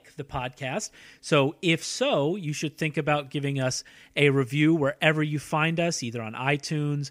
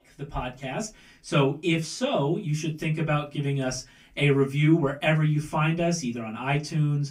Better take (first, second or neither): first